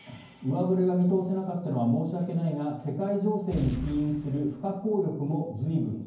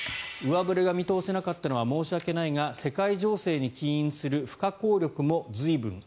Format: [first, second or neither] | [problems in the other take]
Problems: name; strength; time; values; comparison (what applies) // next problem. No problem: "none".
second | background sound (Boom); 10 dB below the speech // room echo; dies away in 0.9 s